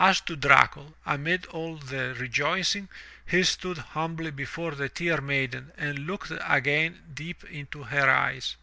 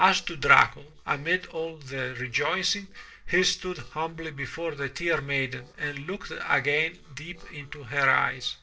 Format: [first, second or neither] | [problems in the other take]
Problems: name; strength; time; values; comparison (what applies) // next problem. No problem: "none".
first | noise reduction (neural separator model SepFormer DNS4)